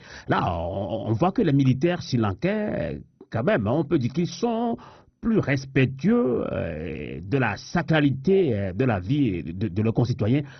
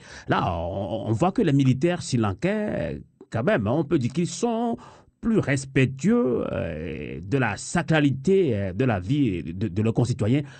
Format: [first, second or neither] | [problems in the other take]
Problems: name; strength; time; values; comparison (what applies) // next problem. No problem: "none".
second | garbled, watery; badly; nothing above 6 kHz; slightly in the second